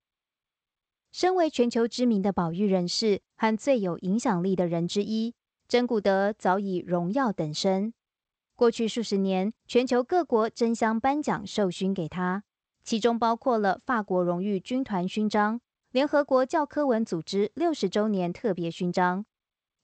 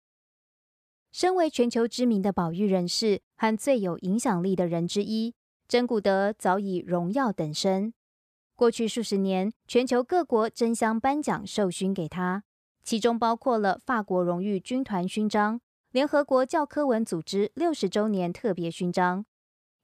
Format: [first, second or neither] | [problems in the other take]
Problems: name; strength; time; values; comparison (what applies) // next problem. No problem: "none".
second | garbled, watery; slightly; nothing above 8 kHz